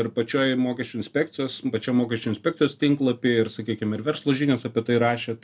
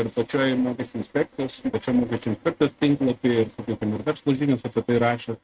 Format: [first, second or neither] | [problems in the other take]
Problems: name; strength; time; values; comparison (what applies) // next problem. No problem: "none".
first | noise reduction (neural mask model RNNoise)